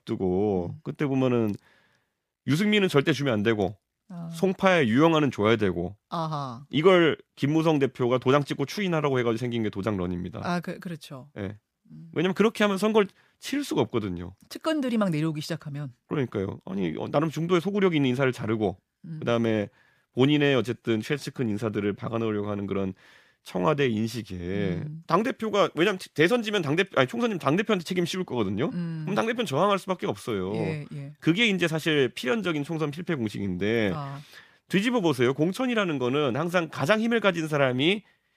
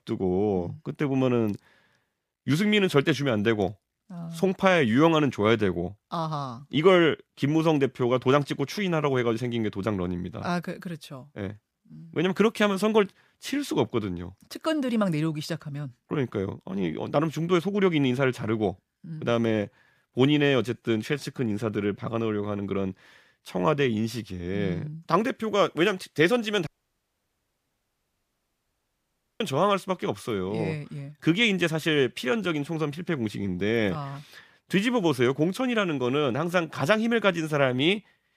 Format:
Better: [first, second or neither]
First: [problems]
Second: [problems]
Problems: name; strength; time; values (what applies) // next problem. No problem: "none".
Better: first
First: none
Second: audio cutting out; at 27 s for 2.5 s